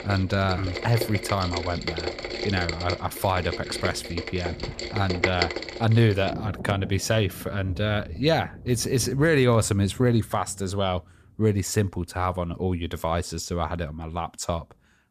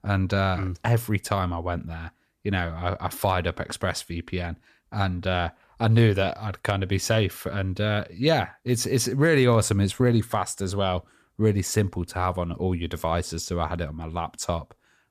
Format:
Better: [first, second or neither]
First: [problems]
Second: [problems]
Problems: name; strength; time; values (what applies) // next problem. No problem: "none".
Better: second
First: rain or running water; loud; throughout; 7 dB below the speech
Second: none